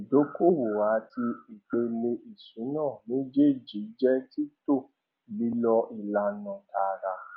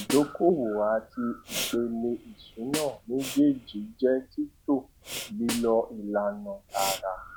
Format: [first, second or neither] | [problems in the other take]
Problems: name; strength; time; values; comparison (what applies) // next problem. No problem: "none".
first | background sound (Respiratory sounds + Snare drum); 11 dB below the speech